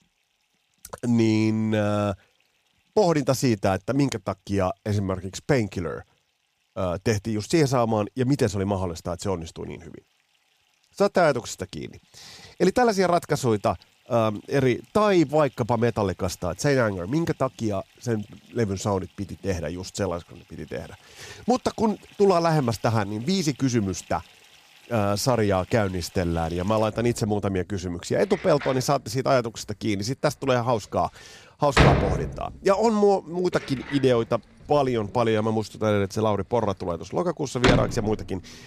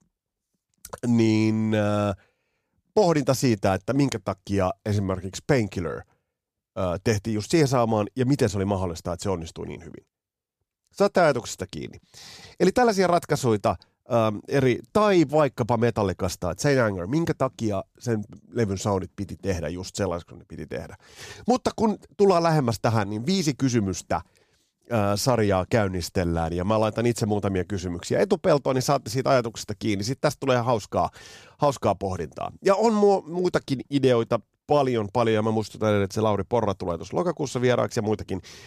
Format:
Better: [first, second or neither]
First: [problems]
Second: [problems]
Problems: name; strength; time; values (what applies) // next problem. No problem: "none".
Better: second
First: household noises; loud; throughout; 3 dB below the speech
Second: none